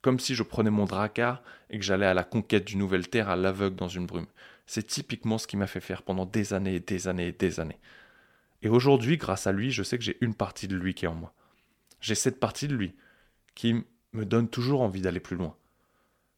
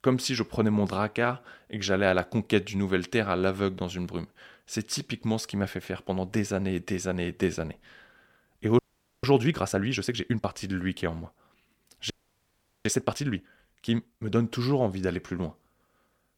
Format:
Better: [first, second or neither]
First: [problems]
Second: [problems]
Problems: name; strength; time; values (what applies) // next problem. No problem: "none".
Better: first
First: none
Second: audio freezing; at 9 s and at 12 s for 1 s